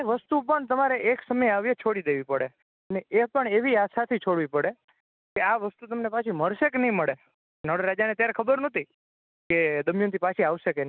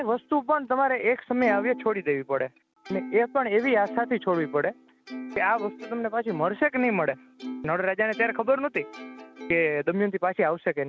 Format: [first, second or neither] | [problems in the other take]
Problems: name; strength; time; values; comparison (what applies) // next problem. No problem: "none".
first | background sound (Plucked string instrument); 15 dB below the speech